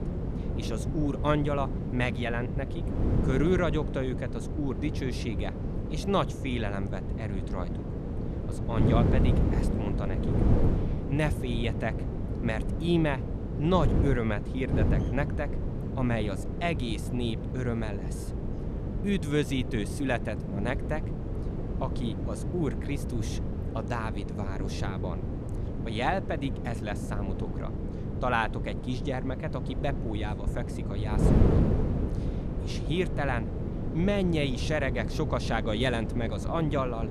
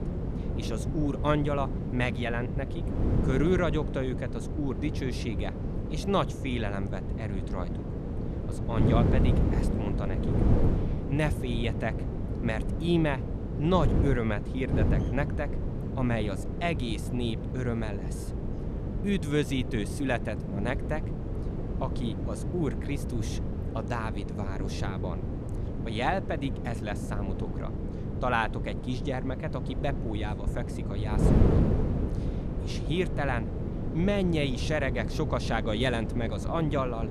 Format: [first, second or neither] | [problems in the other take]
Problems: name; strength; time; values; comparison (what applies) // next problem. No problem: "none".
neither | wind noise on the microphone; heavy; 6 dB below the speech; the same in both